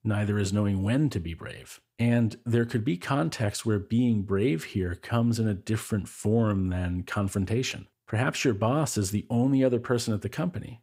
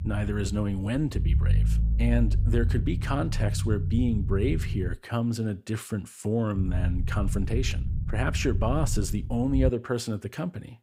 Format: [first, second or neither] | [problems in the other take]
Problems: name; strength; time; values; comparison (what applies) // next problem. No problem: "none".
first | low rumble; noticeable; until 5 s and from 6.5 to 9.5 s; 10 dB below the speech